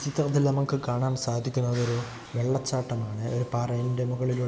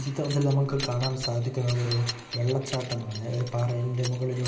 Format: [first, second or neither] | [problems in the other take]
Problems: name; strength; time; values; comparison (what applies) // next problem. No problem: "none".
first | background sound (Keys jangling); 12 dB below the speech // room echo; dies away in 0.5 s